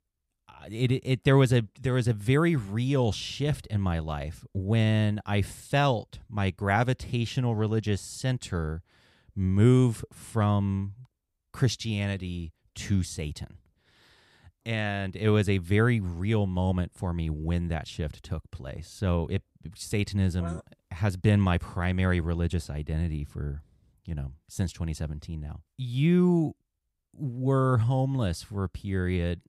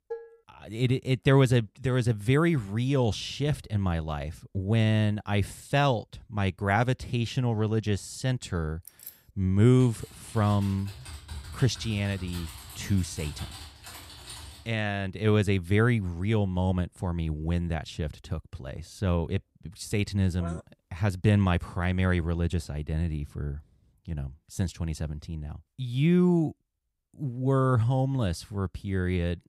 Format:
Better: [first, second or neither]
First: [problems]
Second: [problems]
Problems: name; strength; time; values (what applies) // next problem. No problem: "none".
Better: first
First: none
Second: clattering dishes; faint; at the start; peak 15 dB below the speech // jangling keys; faint; at 9 s; peak 15 dB below the speech // keyboard typing; faint; from 10 to 15 s; peak 15 dB below the speech